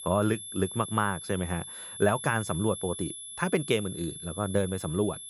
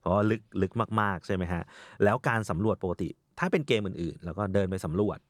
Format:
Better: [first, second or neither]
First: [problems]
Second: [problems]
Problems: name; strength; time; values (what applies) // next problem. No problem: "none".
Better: second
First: high-pitched whine; loud; throughout; 11 kHz, 9 dB below the speech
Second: none